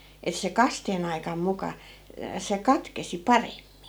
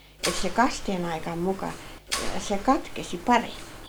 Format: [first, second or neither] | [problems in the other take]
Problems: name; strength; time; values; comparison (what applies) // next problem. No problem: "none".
first | background sound (Mechanisms); 6 dB below the speech